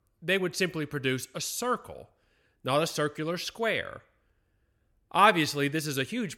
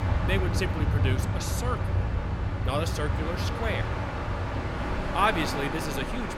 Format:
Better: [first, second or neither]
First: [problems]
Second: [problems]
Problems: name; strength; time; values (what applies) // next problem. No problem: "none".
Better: first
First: none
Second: train or aircraft noise; very loud; throughout; 2 dB above the speech